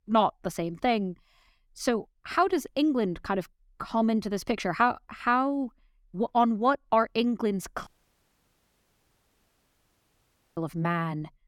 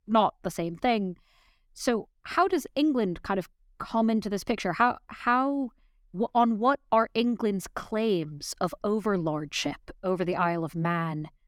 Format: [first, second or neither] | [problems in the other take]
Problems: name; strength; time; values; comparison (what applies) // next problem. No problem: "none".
second | audio cutting out; at 8 s for 2.5 s